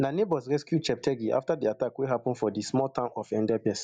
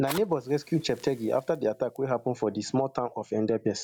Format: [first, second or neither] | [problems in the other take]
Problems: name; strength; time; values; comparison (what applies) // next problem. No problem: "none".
first | background sound (Fire); 19 dB below the speech